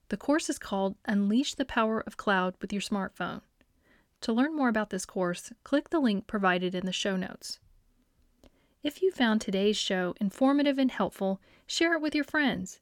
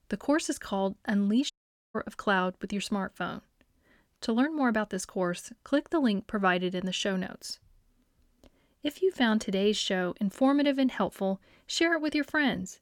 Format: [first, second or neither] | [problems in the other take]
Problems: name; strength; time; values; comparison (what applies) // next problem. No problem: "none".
first | audio cutting out; at 1.5 s